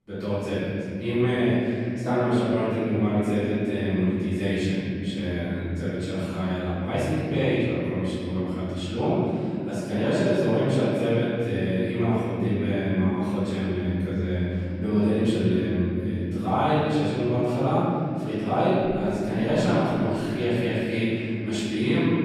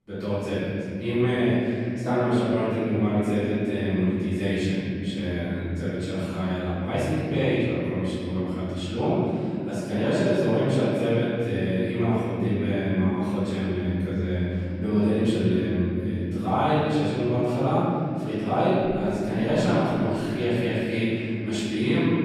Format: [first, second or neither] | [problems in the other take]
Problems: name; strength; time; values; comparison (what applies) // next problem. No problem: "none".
neither | off-mic speech; far; the same in both // room echo; strong; dies away in 3 s; the same in both